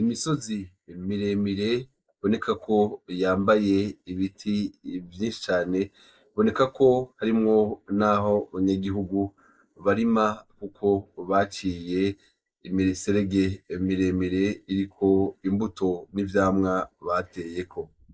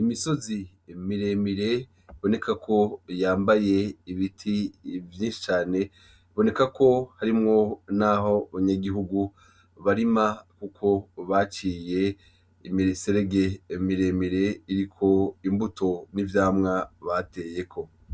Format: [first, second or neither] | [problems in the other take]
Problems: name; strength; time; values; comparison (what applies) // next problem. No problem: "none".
second | noise reduction (neural mask model Resemble Enhance denoiser)